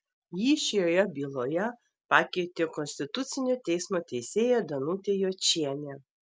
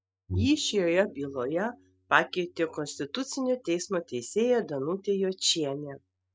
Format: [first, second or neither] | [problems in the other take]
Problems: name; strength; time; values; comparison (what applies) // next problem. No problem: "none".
first | noise reduction (neural mask model DeepFilterNet 3)